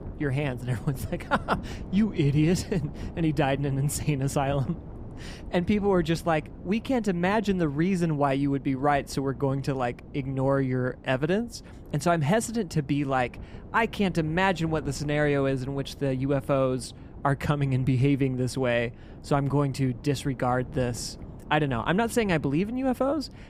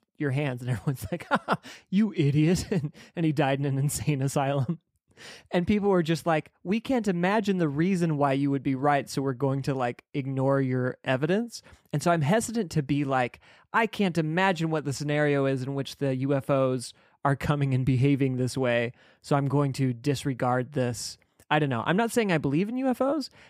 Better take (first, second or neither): second